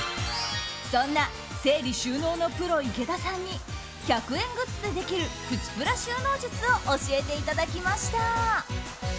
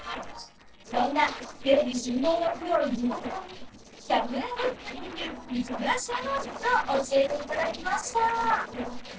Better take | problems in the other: first | noise reduction (neural separator model SepFormer DNS4)

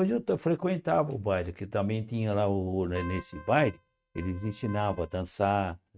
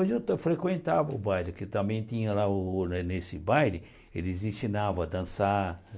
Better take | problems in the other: second | noise reduction (neural mask model RNNoise)

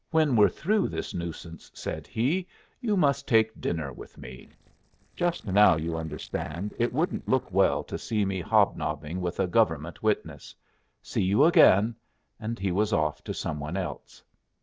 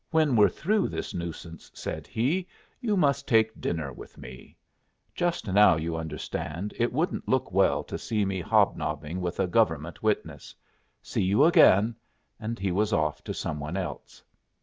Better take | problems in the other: second | noise reduction (neural separator model SepFormer DNS4)

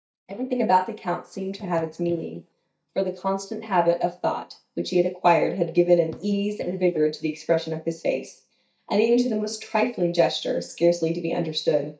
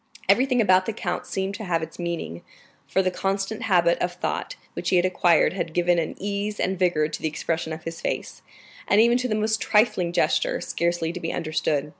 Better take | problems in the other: second | noise reduction (neural mask model DeepFilterNet 3)

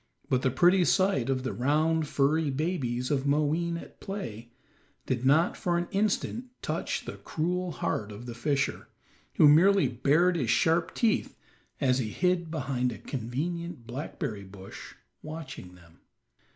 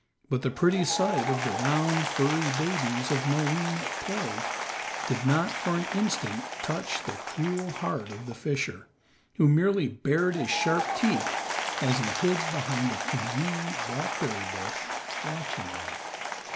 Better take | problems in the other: first | background sound (Applause / Crowd); 4 dB below the speech

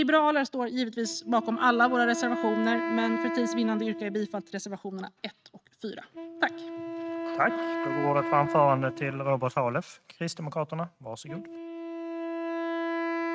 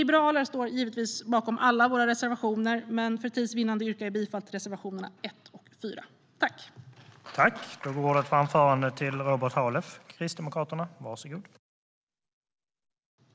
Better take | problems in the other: second | noise reduction (neural mask model RNNoise)

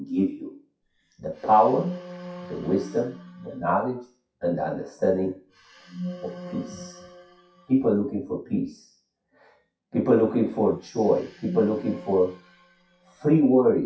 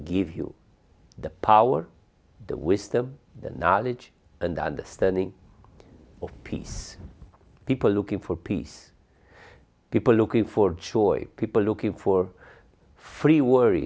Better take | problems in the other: second | noise reduction (classical method WPE with log-MMSE)

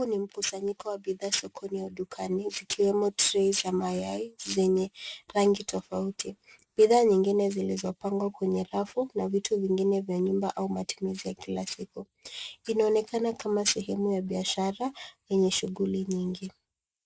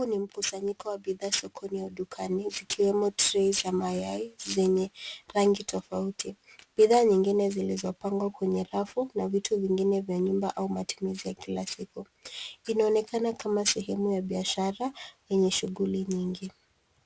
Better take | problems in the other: second | noise reduction (neural mask model Resemble Enhance denoiser)

